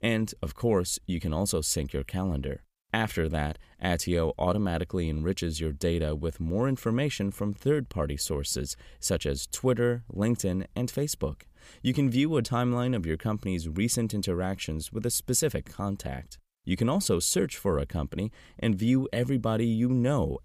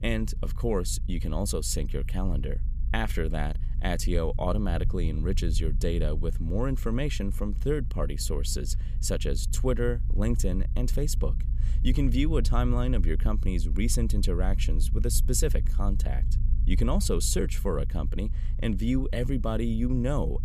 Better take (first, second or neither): first